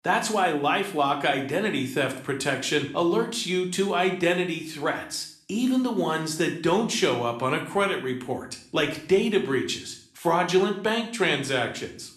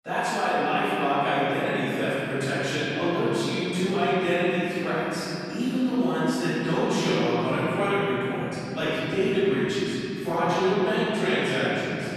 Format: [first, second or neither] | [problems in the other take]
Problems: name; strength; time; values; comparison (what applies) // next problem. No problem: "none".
first | room echo; strong; dies away in 3 s; slight in the first // off-mic speech; far